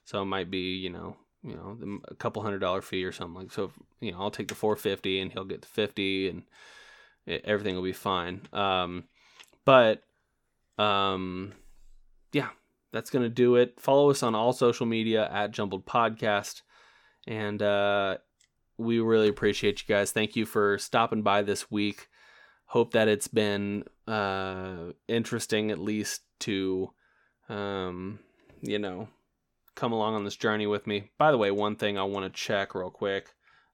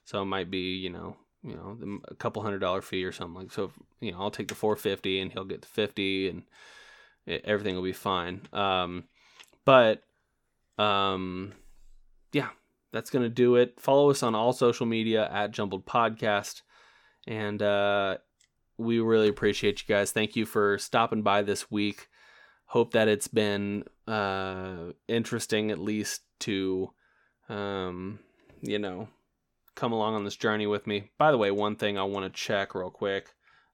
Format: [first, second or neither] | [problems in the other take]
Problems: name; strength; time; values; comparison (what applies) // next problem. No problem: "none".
neither | none